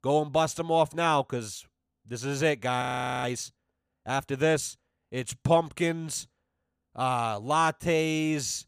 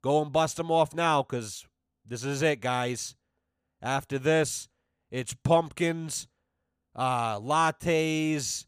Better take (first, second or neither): second